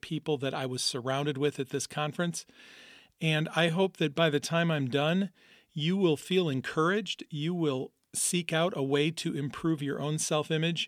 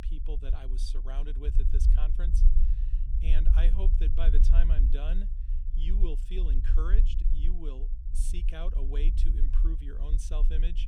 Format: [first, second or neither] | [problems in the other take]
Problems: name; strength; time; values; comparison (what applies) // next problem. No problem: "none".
first | low rumble; loud; throughout; 6 dB below the speech